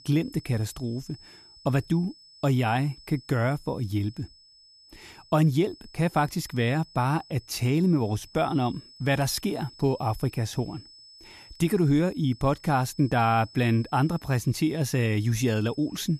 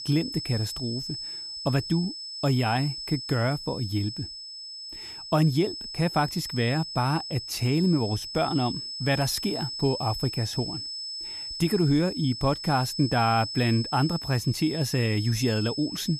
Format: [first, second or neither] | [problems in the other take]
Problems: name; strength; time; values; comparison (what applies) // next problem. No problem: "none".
first | high-pitched whine; loud; throughout; 5 kHz, 7 dB below the speech; faint in the first